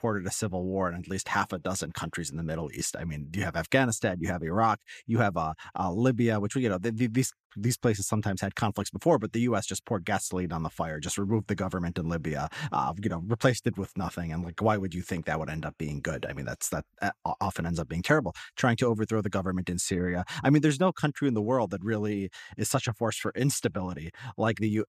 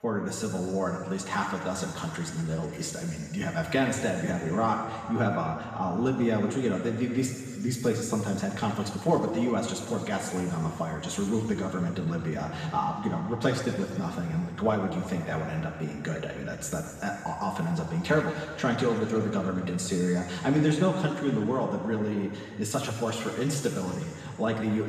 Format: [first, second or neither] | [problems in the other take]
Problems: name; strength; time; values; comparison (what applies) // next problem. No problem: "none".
first | room echo; noticeable; dies away in 2.4 s // off-mic speech; far